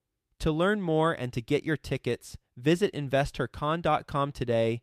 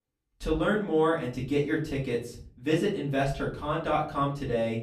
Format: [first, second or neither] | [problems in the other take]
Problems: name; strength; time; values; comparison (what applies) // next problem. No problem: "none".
first | off-mic speech; far // room echo; slight; dies away in 0.4 s